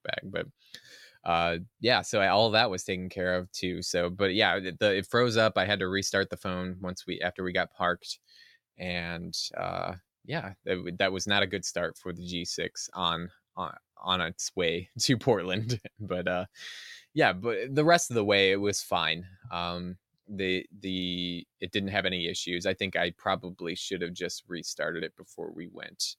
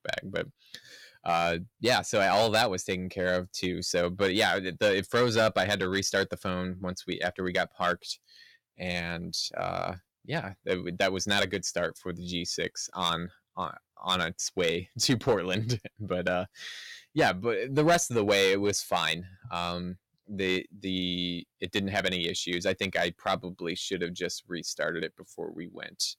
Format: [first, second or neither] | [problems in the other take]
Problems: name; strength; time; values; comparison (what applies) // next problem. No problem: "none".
first | distortion; slight; 1.7% of the sound clipped